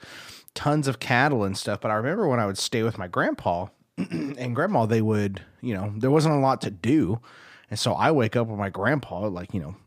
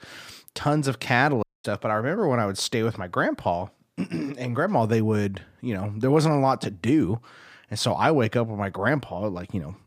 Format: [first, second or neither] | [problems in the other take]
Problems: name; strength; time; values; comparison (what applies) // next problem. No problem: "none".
first | audio cutting out; at 1.5 s